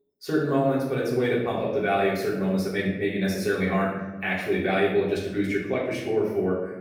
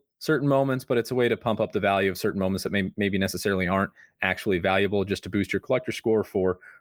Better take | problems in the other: second | off-mic speech; far // room echo; noticeable; dies away in 0.9 s

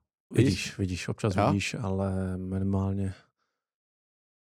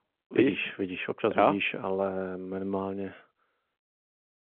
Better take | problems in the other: first | phone-call audio

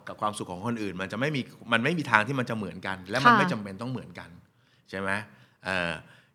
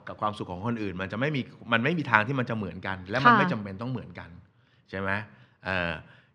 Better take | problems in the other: first | muffled; very slightly; fading above 3.5 kHz

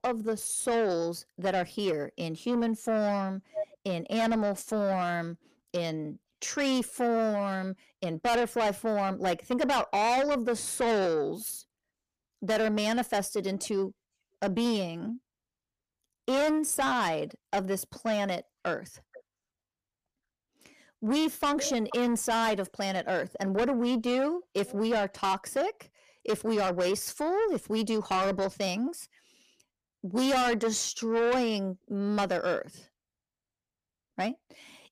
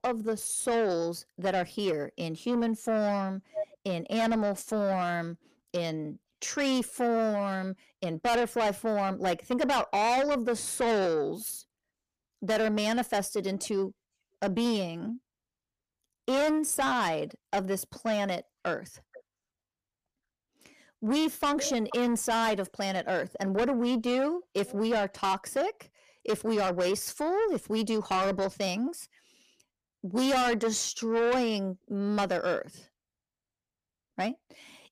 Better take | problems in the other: neither | distortion; heavy; 6 dB below the speech; the same in both

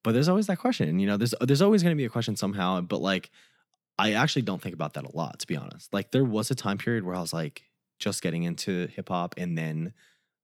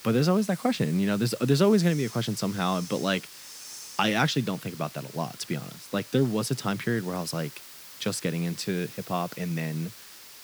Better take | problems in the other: first | hiss; noticeable; throughout; 15 dB below the speech

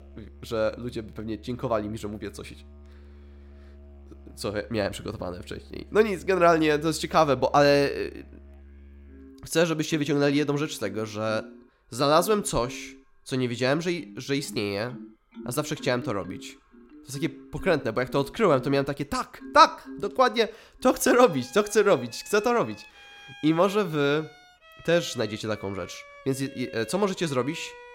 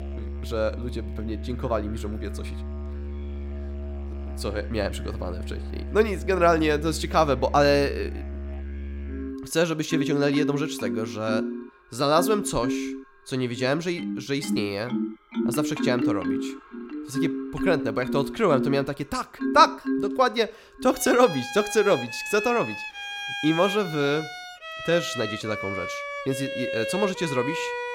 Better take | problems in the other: first | background music; loud; throughout; 6 dB below the speech; faint in the first

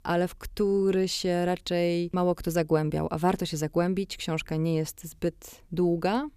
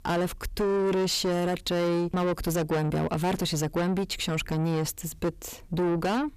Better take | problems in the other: first | distortion; heavy; 7 dB below the speech

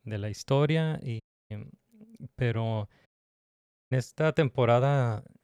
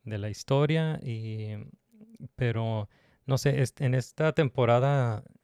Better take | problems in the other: second | audio cutting out; at 1 s and at 3 s for 1 s

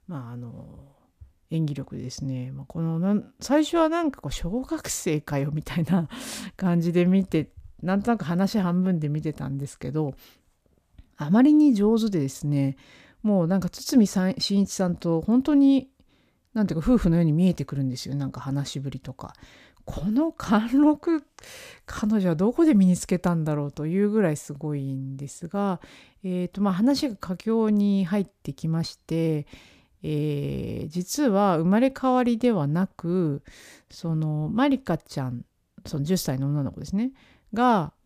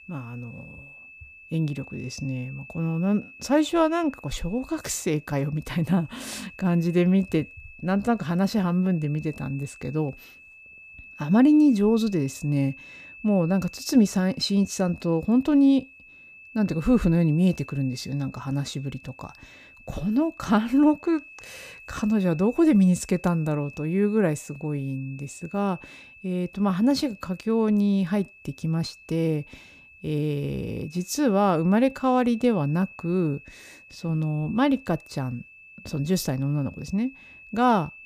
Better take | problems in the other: first | high-pitched whine; faint; throughout; 2.5 kHz, 20 dB below the speech

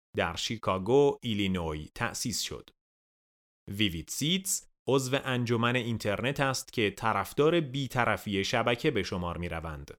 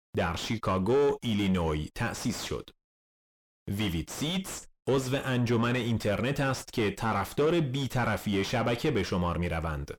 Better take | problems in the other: first | distortion; heavy; 5 dB below the speech

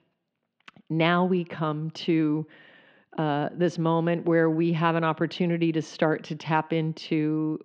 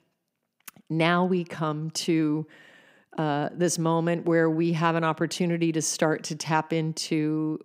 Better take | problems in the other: second | muffled; slightly; fading above 3.5 kHz

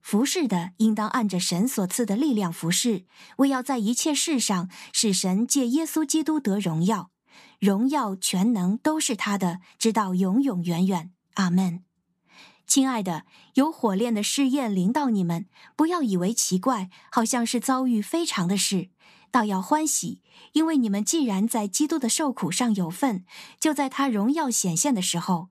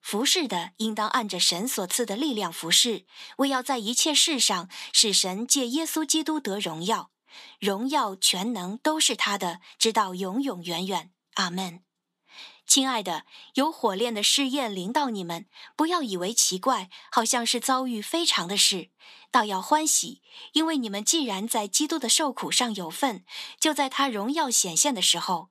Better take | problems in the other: first | thin; somewhat; fading below 400 Hz

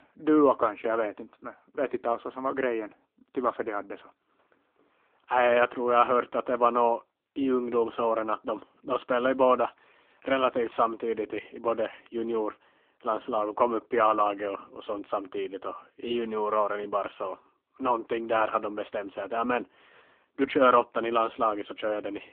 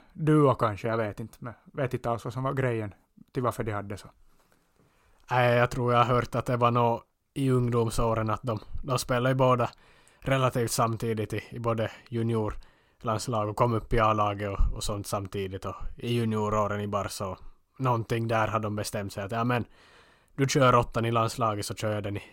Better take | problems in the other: second | phone-call audio

